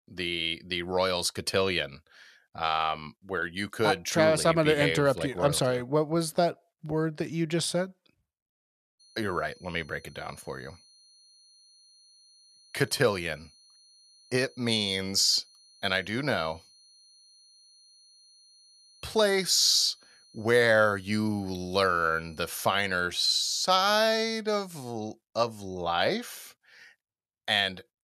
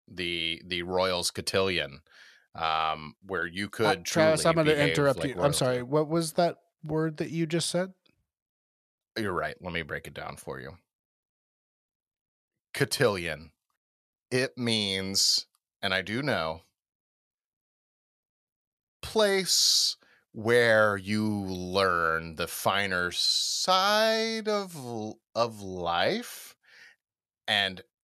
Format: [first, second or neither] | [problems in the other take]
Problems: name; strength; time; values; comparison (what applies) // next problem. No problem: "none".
second | high-pitched whine; faint; from 9 to 23 s; 4.5 kHz, 30 dB below the speech